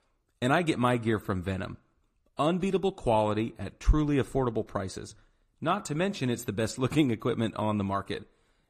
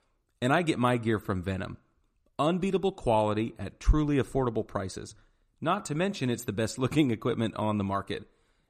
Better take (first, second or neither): second